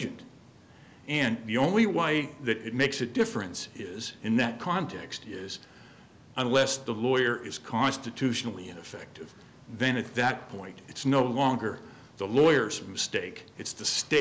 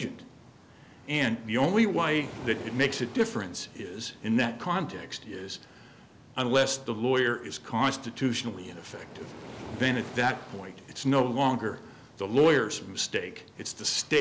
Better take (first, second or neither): first